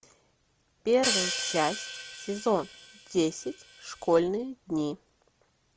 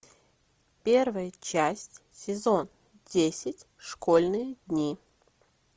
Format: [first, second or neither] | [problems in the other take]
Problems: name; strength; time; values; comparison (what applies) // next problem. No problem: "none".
second | background sound (Hi-hat); 5 dB below the speech